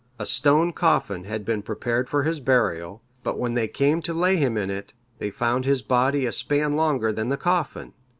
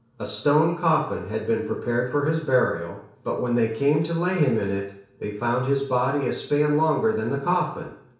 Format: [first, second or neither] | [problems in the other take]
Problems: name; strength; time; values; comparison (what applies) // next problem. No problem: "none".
first | room echo; dies away in 0.6 s